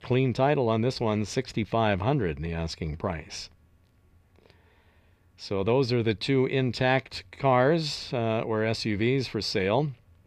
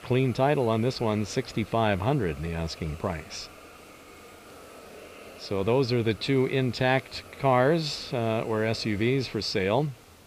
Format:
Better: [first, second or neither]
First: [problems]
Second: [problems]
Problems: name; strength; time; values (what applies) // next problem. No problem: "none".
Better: first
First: none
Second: hiss; faint; throughout; 20 dB below the speech